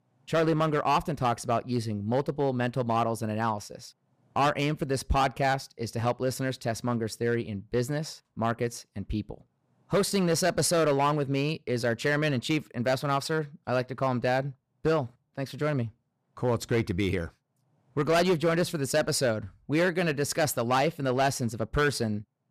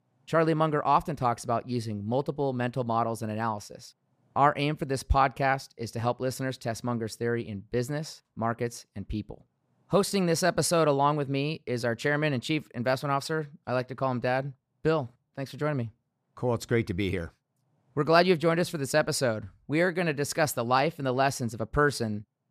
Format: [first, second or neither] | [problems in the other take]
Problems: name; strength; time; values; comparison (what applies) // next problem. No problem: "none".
second | distortion; slight; 5% of the sound clipped